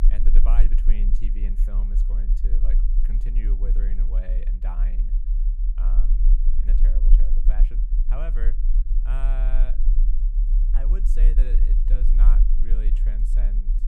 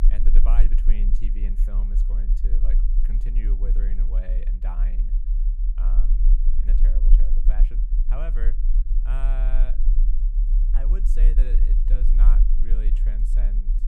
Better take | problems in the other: neither | low rumble; loud; throughout; 5 dB below the speech; the same in both

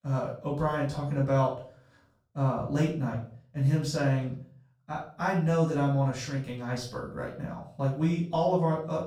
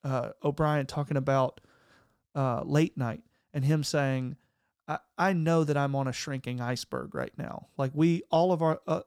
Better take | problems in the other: second | off-mic speech; far // room echo; noticeable; dies away in 0.4 s

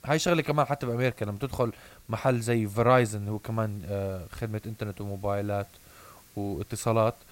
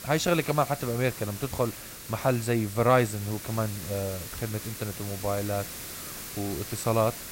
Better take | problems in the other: first | hiss; loud; throughout; 9 dB below the speech; faint in the first

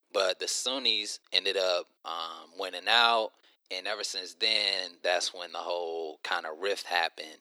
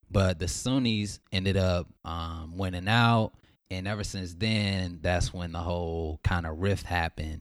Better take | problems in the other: second | thin; very; fading below 400 Hz

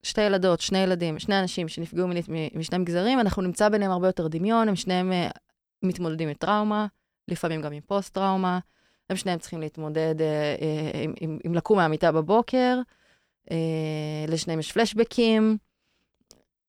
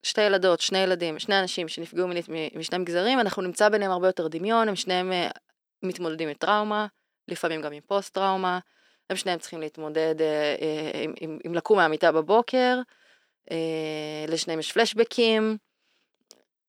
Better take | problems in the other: first | thin; somewhat; fading below 350 Hz

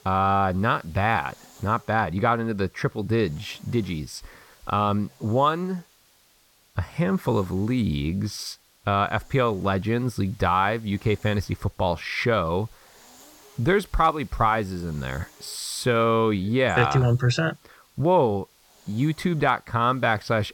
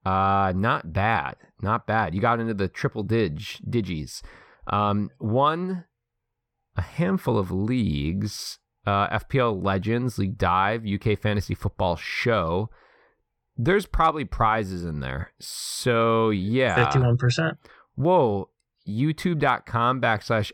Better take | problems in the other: second | hiss; faint; throughout; 30 dB below the speech

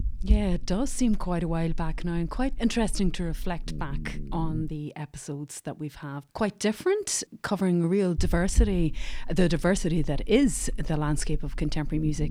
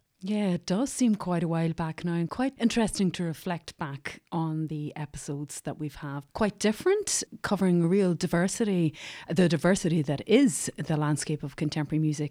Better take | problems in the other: second | low rumble; noticeable; until 4.5 s and from 8 s on; 20 dB below the speech

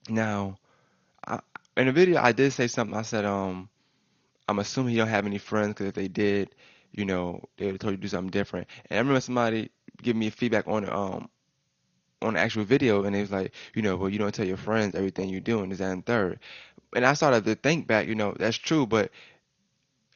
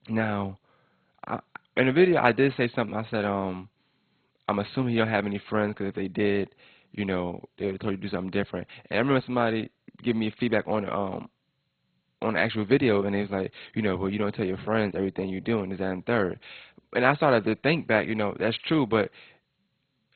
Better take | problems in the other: first | garbled, watery; badly; nothing above 4 kHz; slightly in the first

